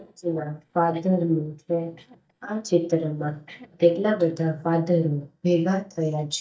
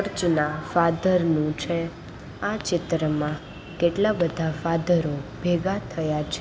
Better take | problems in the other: second | noise reduction (neural mask model DeepFilterNet 3)

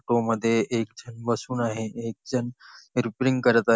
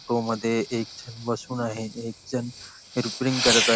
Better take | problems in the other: first | background sound (Fireworks); 4 dB below the speech

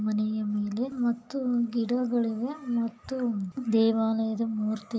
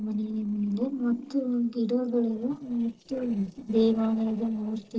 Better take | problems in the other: first | noise reduction (neural separator model SepFormer DNS4)

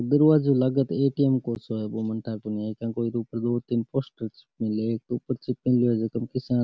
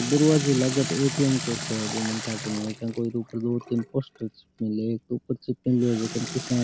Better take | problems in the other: first | background sound (Sink (filling or washing) / Water tap, faucet); 9 dB below the speech

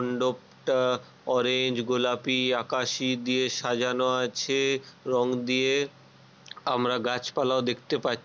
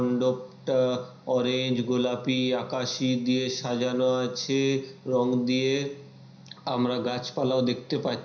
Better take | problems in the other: first | room echo; dies away in 0.5 s

